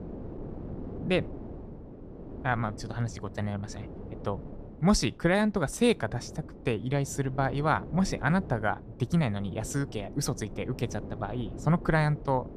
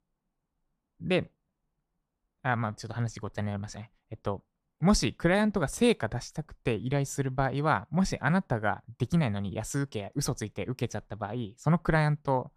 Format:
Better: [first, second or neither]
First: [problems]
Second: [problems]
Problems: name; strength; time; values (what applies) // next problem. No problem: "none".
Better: second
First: wind noise on the microphone; occasional gusts; 15 dB below the speech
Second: none